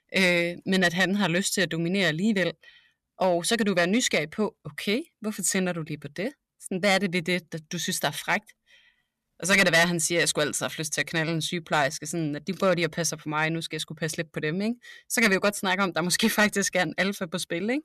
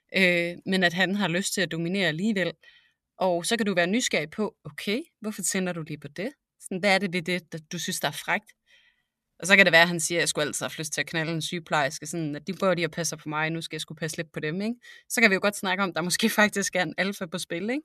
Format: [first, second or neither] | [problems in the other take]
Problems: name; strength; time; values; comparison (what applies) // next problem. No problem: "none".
second | distortion; slight; 2% of the sound clipped